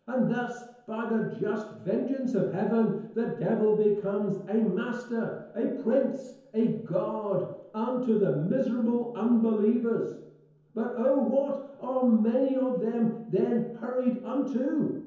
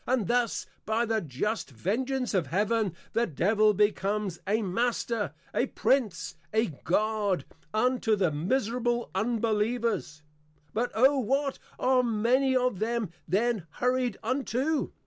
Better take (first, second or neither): second